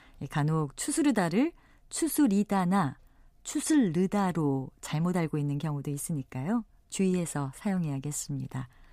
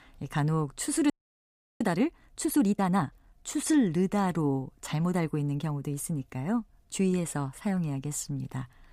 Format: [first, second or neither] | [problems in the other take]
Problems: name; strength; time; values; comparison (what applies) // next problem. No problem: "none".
first | audio freezing; at 1 s for 0.5 s